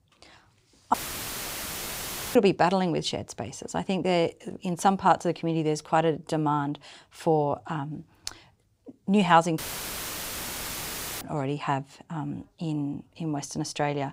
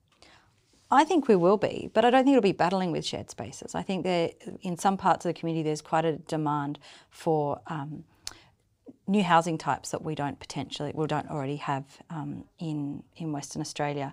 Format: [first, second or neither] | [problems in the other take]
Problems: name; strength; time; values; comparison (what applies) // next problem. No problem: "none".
second | audio cutting out; filled with static; at 1 s for 1.5 s and at 9.5 s for 1.5 s